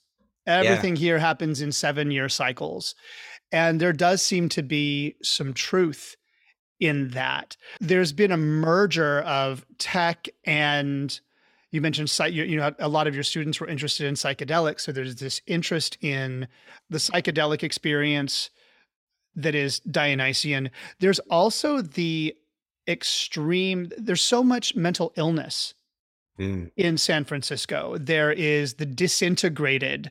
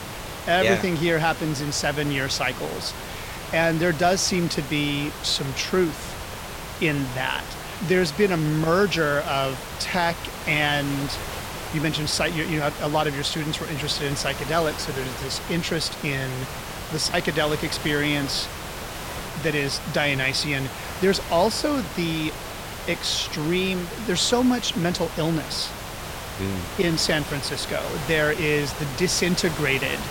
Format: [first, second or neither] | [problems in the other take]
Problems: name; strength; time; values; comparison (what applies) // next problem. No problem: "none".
first | hiss; loud; throughout; 9 dB below the speech